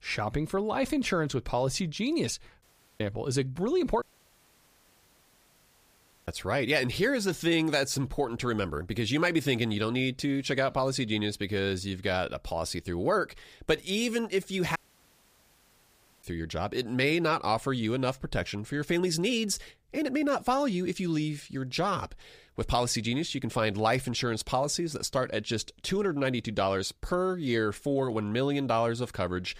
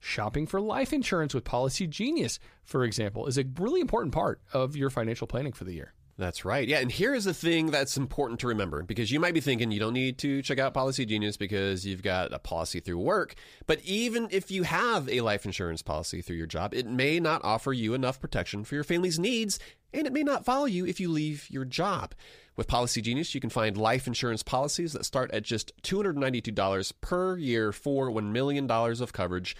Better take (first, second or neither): second